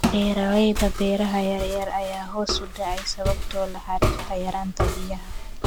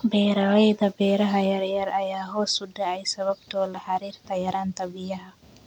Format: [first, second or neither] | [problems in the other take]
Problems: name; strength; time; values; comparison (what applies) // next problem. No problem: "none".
second | background sound (Walk, footsteps); 2 dB below the speech